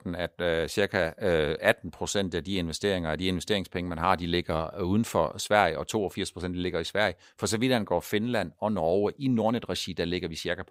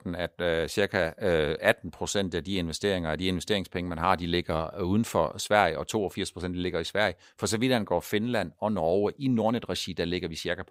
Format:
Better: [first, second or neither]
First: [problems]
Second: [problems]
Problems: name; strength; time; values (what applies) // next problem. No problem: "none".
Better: neither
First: none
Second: none